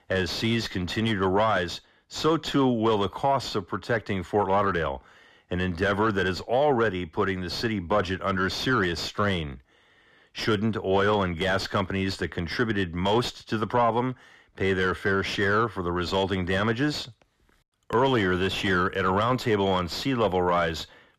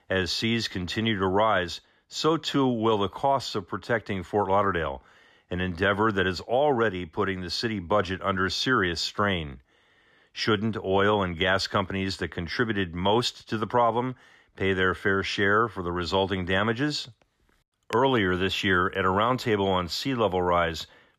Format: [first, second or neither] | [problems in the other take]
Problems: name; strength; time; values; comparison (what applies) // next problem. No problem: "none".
second | distortion; slight; 10 dB below the speech